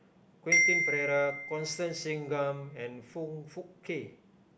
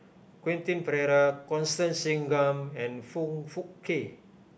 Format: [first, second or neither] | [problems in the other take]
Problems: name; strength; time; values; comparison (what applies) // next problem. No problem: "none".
second | background sound (Marimba, xylophone); 2 dB above the speech